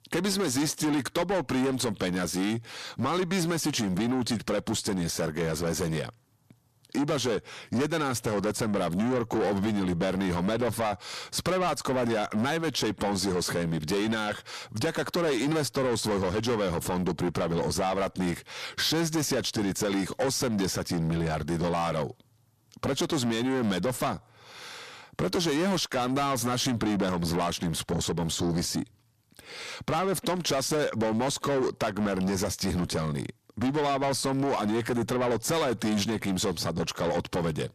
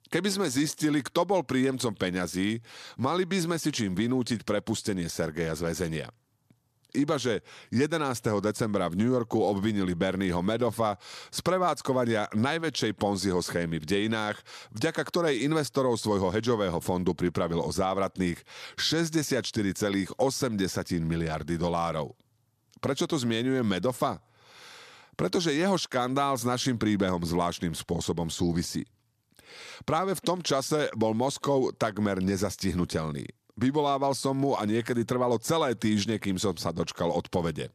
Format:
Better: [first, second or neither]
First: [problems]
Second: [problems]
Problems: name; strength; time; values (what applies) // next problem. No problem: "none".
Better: second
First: distortion; heavy; 7 dB below the speech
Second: none